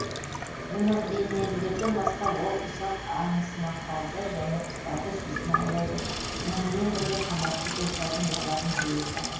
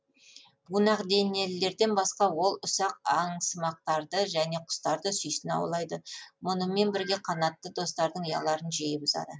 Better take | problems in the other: second | background sound (Sink (filling or washing) / Water tap, faucet); 3 dB below the speech // room echo; dies away in 0.9 s

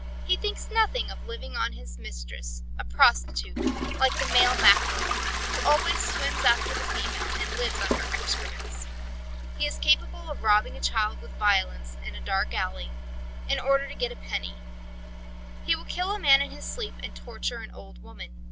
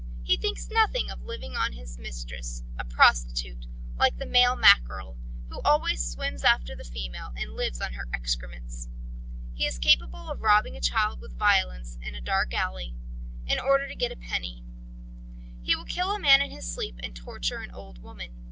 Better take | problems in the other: second | background sound (Toilet flush); 6 dB below the speech

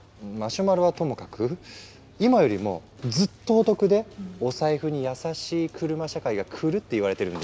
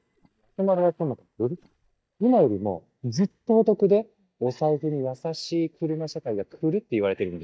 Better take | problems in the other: first | noise reduction (neural mask model DeepFilterNet 3)

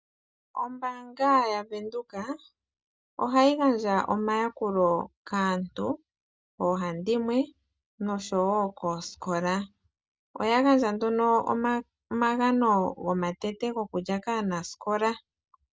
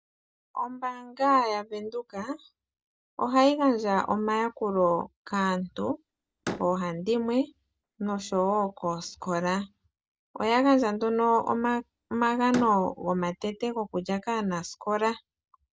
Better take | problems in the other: first | background sound (Slam); 16 dB below the speech

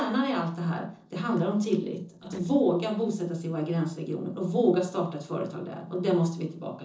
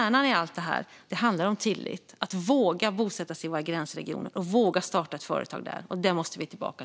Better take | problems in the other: second | noise reduction (neural separator model SepFormer DNS4)

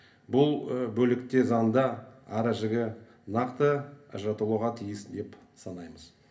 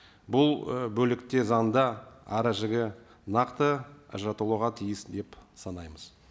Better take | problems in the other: second | room echo; dies away in 0.3 s

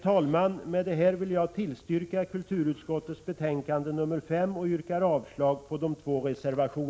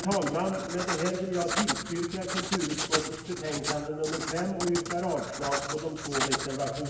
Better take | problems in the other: first | background sound (Writing); 3 dB below the speech // room echo; dies away in 1.3 s

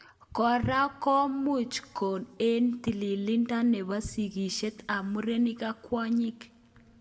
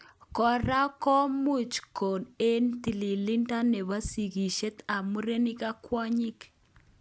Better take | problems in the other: second | room echo; dies away in 1.5 s

